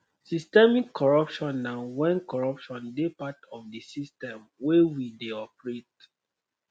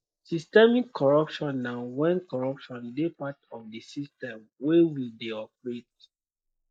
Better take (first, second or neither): first